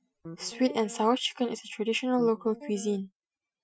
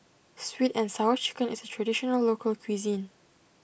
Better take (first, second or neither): second